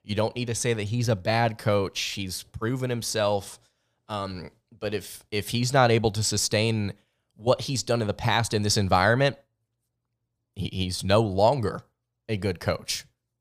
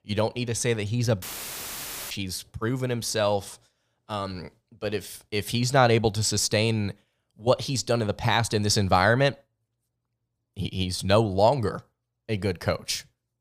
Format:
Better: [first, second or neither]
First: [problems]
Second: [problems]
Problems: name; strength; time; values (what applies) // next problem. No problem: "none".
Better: first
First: none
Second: audio cutting out; filled with static; at 1 s for 1 s